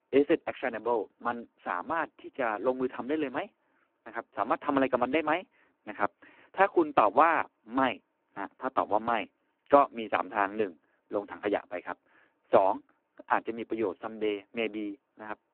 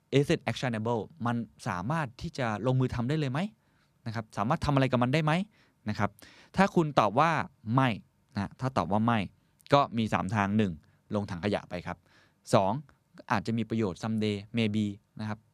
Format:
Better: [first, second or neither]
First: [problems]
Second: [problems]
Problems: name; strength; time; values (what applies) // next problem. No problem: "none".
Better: second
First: phone-call audio; poor line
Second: none